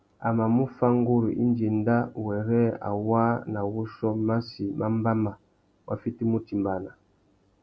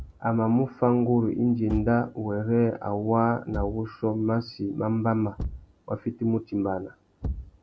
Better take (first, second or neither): first